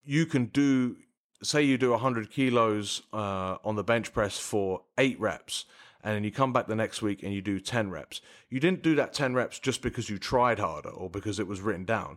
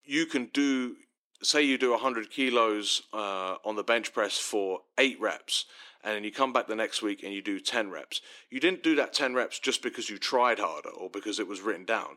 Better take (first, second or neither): first